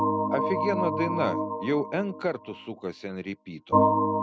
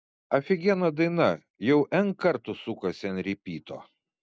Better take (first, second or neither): second